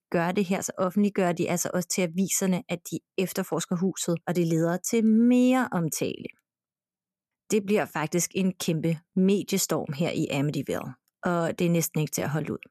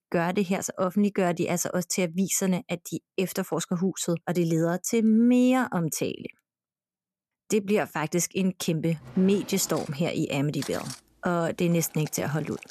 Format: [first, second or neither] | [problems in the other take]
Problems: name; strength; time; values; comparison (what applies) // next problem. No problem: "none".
first | household noises; noticeable; from 9 s on; 15 dB below the speech